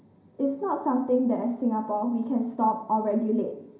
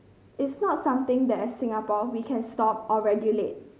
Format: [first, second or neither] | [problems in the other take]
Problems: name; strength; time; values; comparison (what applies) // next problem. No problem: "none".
second | room echo; dies away in 0.5 s